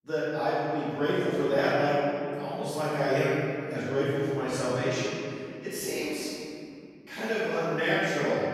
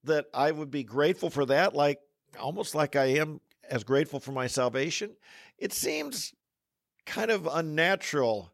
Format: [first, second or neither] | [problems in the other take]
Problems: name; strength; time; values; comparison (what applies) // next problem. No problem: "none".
second | room echo; strong; dies away in 2.5 s // off-mic speech; far